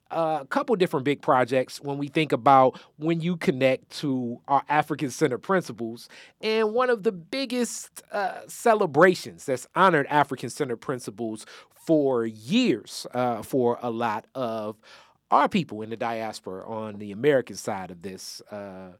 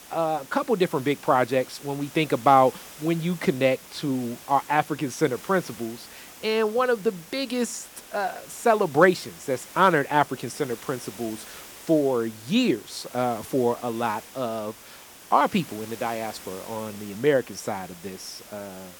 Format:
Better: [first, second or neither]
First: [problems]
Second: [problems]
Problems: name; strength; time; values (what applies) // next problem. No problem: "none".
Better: first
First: none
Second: hiss; noticeable; throughout; 20 dB below the speech